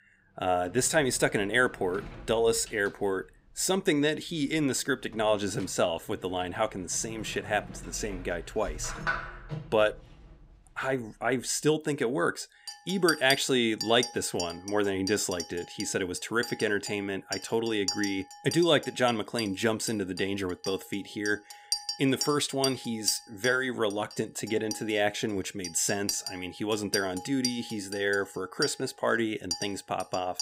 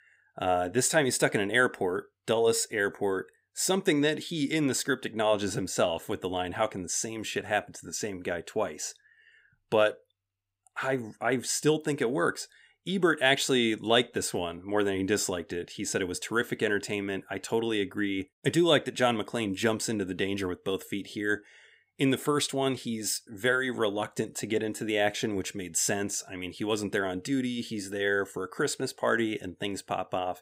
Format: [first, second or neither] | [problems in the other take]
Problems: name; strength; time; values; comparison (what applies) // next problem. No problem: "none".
second | household noises; loud; throughout; 8 dB below the speech